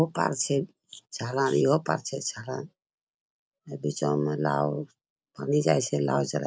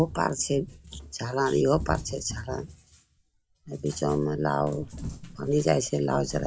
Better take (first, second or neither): first